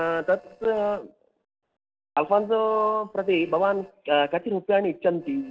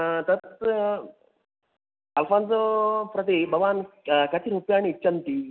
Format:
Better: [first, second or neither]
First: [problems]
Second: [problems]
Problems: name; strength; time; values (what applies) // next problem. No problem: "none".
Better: second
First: noise reduction (neural separator model SepFormer DNS4)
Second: none